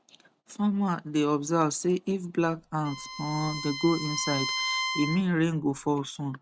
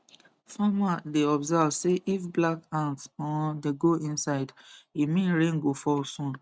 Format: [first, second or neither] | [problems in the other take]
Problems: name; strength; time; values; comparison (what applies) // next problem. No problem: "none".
second | background sound (Bowed string instrument); 6 dB below the speech